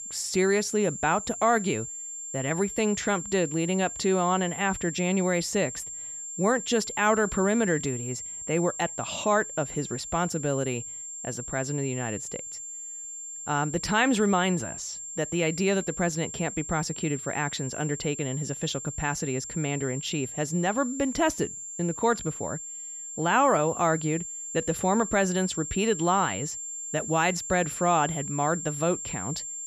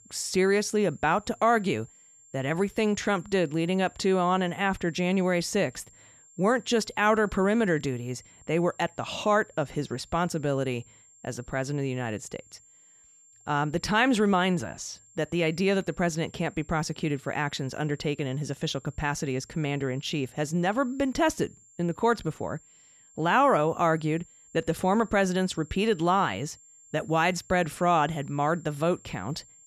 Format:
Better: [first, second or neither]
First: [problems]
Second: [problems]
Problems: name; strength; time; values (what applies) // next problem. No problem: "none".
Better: second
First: high-pitched whine; loud; throughout; 7.5 kHz, 7 dB below the speech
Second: high-pitched whine; faint; throughout; 7.5 kHz, 25 dB below the speech